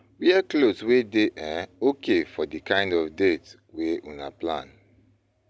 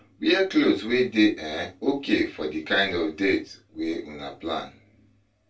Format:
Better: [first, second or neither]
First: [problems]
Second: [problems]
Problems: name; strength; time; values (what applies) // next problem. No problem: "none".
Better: first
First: none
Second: room echo; dies away in 0.2 s